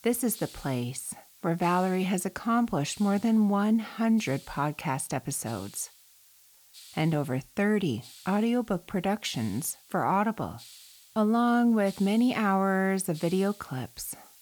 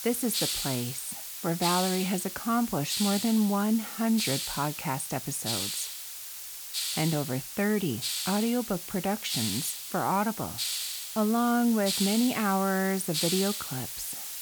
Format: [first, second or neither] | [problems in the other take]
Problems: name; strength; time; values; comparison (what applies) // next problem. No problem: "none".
first | hiss; loud; throughout; 3 dB below the speech; faint in the first